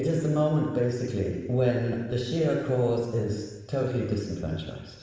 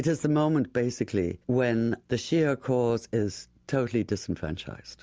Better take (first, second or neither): second